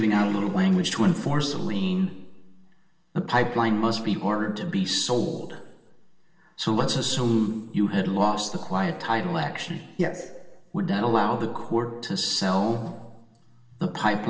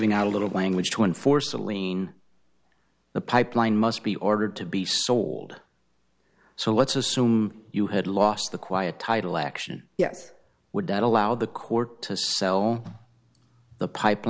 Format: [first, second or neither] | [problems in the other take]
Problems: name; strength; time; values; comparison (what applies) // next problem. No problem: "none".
second | room echo; dies away in 1.2 s